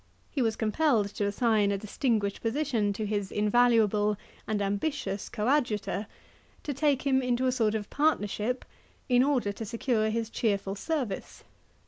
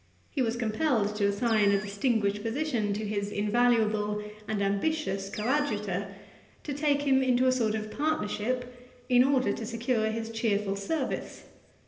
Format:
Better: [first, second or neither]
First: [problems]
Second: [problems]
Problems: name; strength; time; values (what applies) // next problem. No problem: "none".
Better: first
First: none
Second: background sound (Animal); 16 dB below the speech // room echo; dies away in 1.4 s